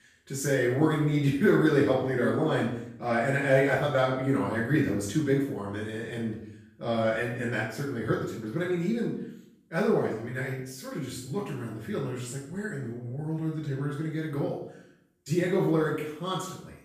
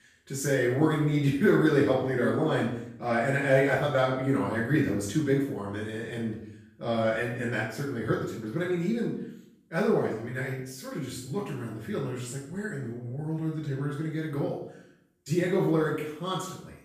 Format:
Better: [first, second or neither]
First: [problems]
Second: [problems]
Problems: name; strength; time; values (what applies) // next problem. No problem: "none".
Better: neither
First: off-mic speech; far // room echo; noticeable; dies away in 0.6 s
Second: off-mic speech; far // room echo; noticeable; dies away in 0.6 s